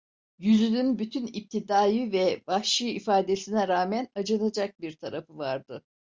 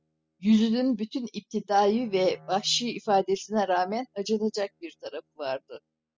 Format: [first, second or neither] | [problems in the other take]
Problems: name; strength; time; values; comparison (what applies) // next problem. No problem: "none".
first | noise reduction (classical method spectral subtraction)